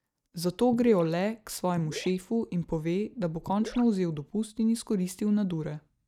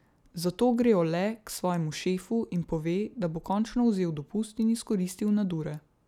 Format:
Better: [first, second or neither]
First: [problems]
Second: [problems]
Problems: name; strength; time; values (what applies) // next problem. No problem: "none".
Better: second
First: noise reduction (neural mask model DeepFilterNet 3)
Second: none